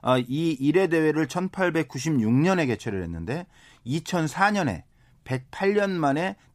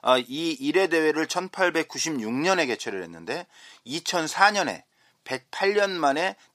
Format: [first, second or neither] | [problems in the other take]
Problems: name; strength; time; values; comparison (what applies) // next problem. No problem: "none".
first | thin; somewhat; fading below 400 Hz